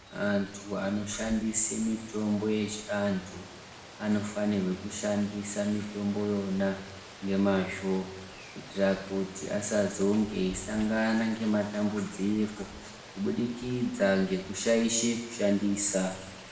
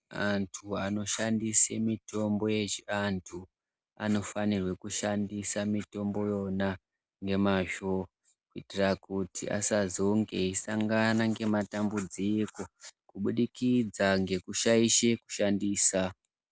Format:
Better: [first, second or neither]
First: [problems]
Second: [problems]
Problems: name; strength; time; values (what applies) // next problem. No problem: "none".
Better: second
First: background sound (Rain); 17 dB below the speech // room echo; dies away in 0.8 s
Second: none